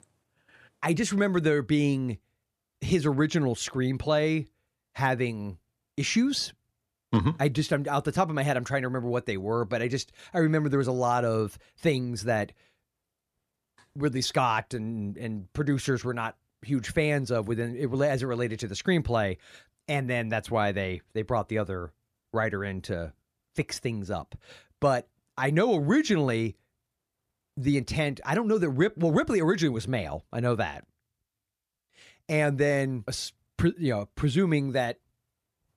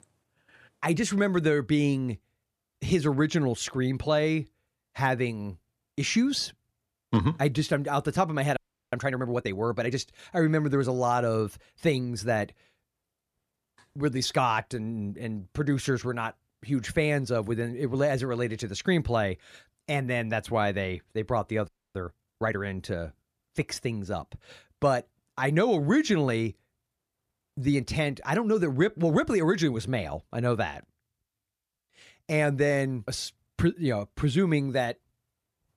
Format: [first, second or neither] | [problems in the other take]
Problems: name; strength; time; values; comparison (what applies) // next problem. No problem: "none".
first | audio freezing; at 8.5 s and at 22 s